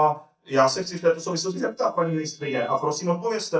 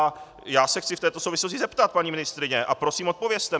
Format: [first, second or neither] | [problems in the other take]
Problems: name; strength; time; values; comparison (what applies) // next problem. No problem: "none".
second | noise reduction (neural mask model DeepFilterNet 3)